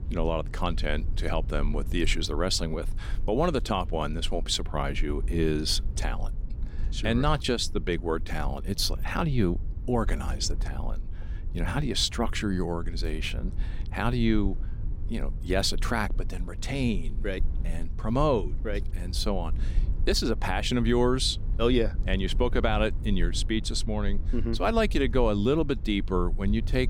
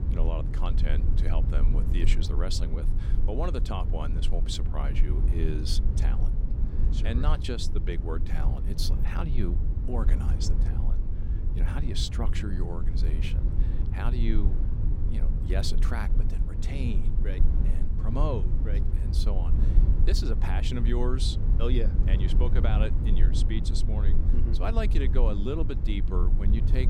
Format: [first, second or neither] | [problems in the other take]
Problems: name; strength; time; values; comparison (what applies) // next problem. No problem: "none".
first | low rumble; loud; throughout; 7 dB below the speech; faint in the first